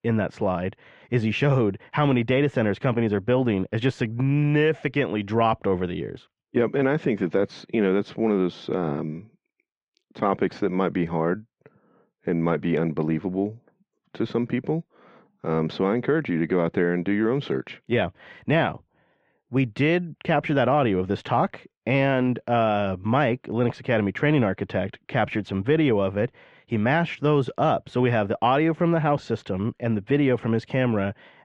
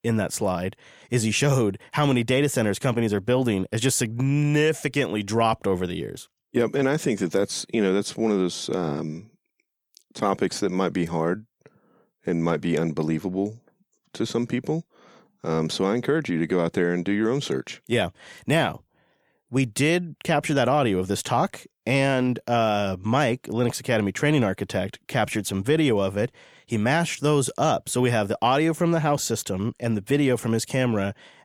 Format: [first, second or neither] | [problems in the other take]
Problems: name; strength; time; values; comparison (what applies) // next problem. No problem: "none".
second | muffled; very; fading above 3 kHz